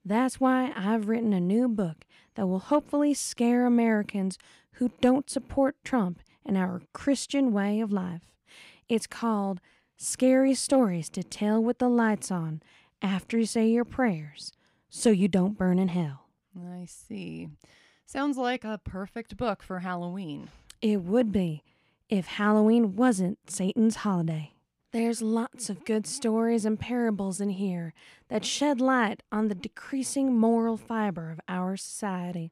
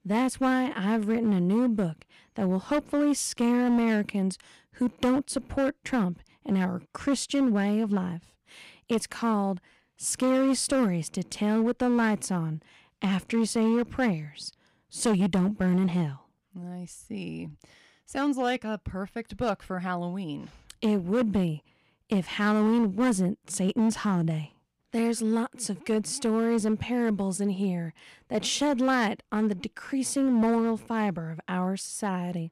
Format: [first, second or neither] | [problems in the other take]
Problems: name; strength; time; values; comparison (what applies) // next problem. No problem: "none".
first | distortion; slight; 7% of the sound clipped